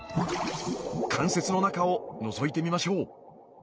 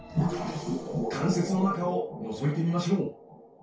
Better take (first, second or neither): first